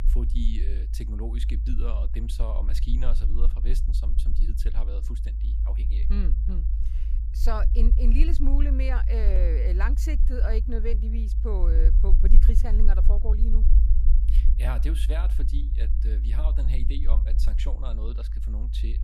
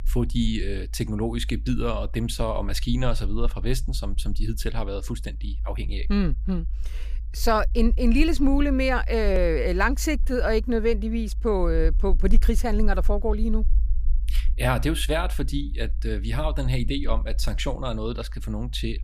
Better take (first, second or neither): second